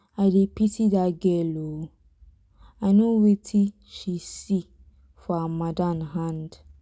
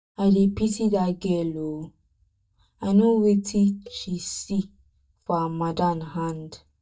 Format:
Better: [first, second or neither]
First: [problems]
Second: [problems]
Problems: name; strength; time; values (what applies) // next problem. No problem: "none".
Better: first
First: none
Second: noise reduction (neural mask model DeepFilterNet 3)